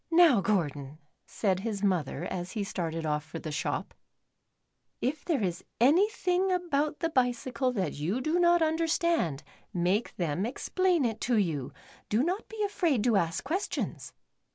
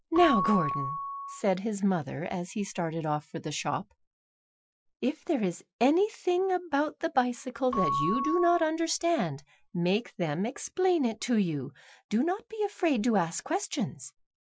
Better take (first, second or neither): first